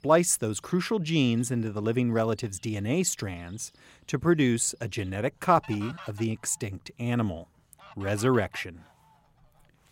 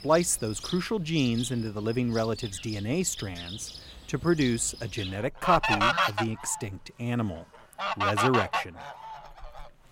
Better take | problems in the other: first | animal sounds; loud; throughout; 2 dB below the speech; faint in the first

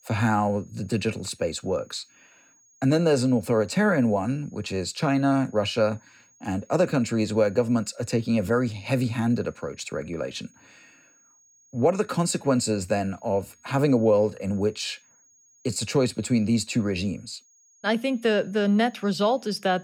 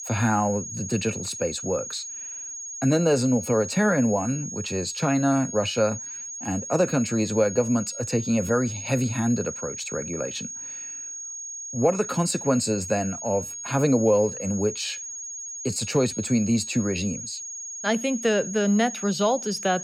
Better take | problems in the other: first | high-pitched whine; loud; throughout; 6.5 kHz, 8 dB below the speech; faint in the first

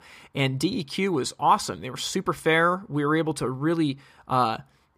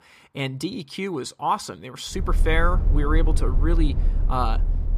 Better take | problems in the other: first | low rumble; noticeable; from 2 s on; 15 dB below the speech

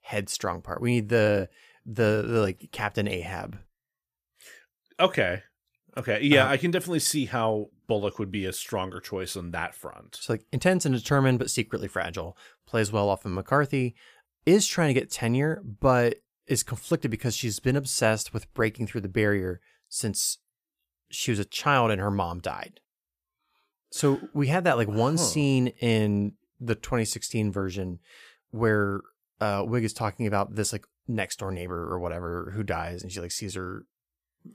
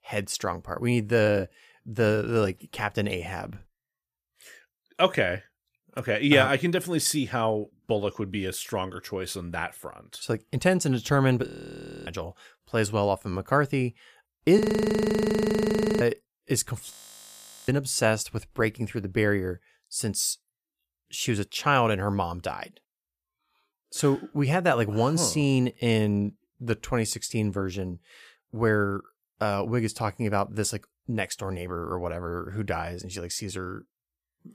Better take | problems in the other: first | audio freezing; at 11 s for 0.5 s, at 15 s for 1.5 s and at 17 s for 1 s

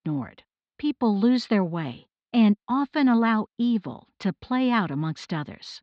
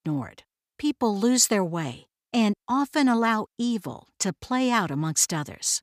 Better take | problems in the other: second | muffled; slightly; fading above 4 kHz

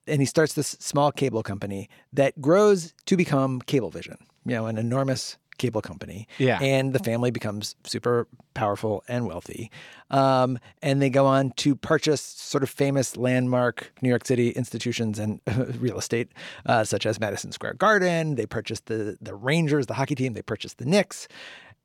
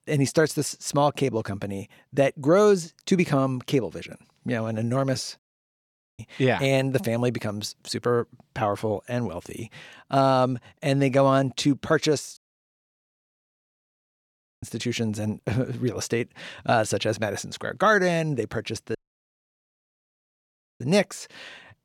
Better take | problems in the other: first | audio cutting out; at 5.5 s for 1 s, at 12 s for 2.5 s and at 19 s for 2 s

